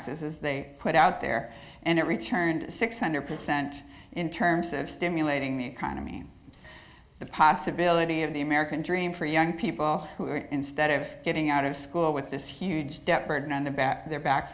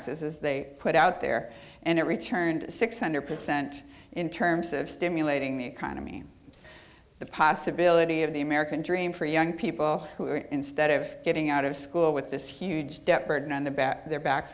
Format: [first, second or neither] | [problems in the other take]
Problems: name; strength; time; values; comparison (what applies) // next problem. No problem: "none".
second | room echo; dies away in 0.5 s